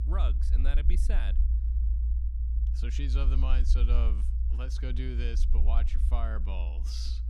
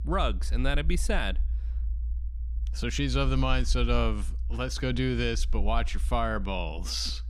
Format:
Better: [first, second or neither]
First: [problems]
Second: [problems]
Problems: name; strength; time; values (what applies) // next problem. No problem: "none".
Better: second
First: low rumble; loud; throughout; 7 dB below the speech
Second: low rumble; faint; throughout; 25 dB below the speech